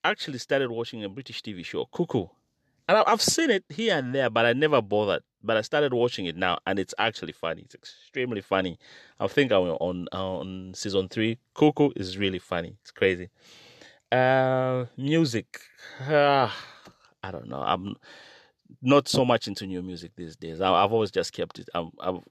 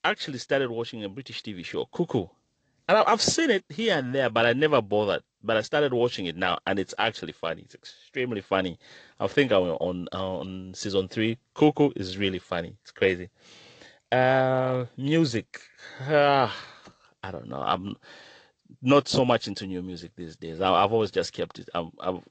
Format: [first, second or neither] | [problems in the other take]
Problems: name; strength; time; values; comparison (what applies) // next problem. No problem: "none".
first | garbled, watery; slightly; nothing above 8 kHz